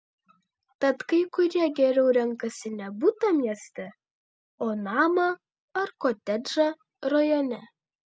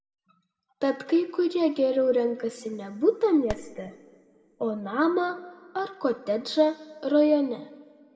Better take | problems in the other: first | background sound (Fireworks); 16 dB below the speech // room echo; dies away in 1.3 s

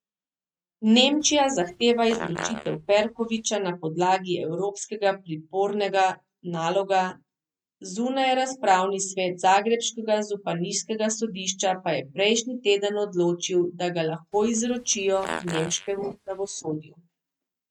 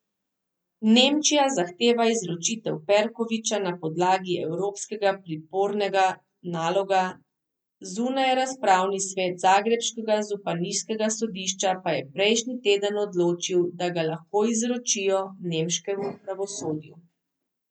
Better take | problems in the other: second | noise reduction (neural mask model RNNoise)

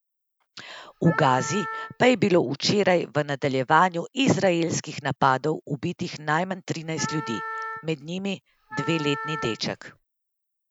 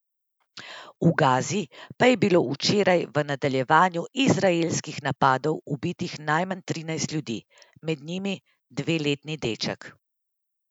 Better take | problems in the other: second | background sound (Wind instrument, woodwind instrument); 10 dB below the speech

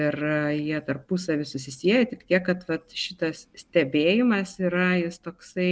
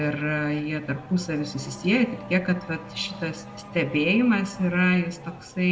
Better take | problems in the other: first | background sound (Race car, auto racing / Accelerating, revving, vroom); 16 dB below the speech // room echo; dies away in 0.7 s

